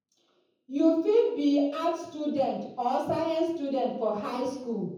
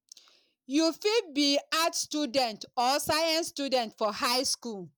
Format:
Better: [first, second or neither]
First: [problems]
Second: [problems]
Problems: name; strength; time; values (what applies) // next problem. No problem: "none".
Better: second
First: room echo; dies away in 0.9 s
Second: none